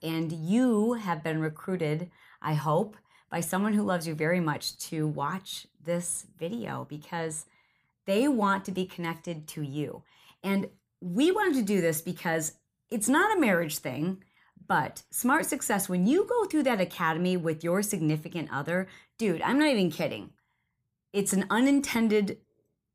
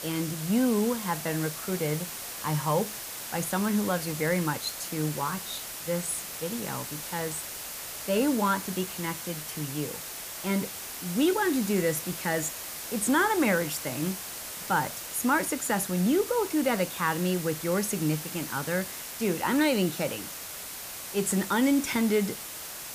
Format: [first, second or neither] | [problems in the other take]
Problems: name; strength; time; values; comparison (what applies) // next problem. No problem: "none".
first | hiss; loud; throughout; 7 dB below the speech